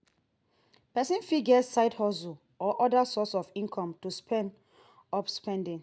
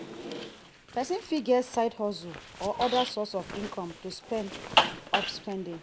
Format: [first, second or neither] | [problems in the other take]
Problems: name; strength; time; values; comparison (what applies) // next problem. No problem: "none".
first | background sound (Zipper (clothing)); 3 dB below the speech